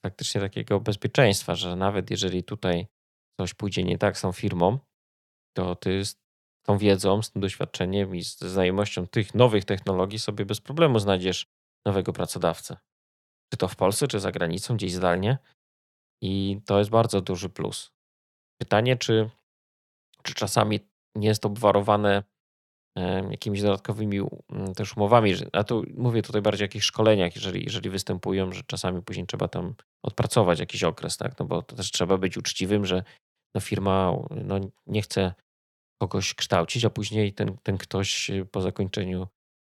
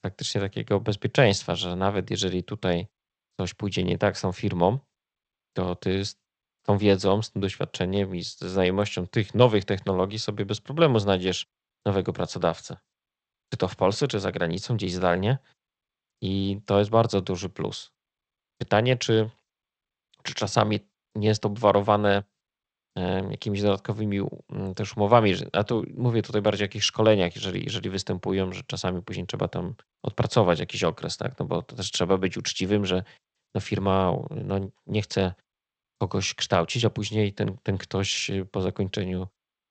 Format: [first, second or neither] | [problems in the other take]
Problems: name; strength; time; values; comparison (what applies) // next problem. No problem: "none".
first | garbled, watery; slightly; nothing above 8 kHz